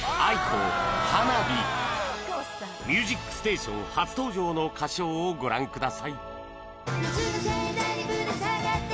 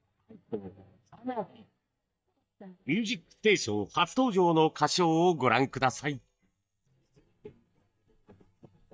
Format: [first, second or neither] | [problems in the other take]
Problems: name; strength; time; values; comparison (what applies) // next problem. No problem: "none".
first | noise reduction (neural mask model DeepFilterNet 3)